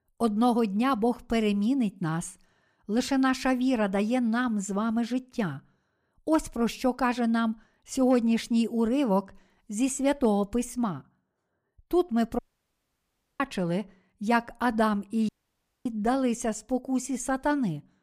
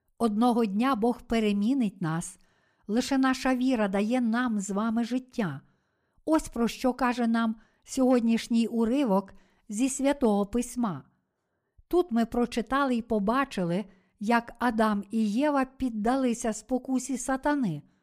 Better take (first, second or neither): second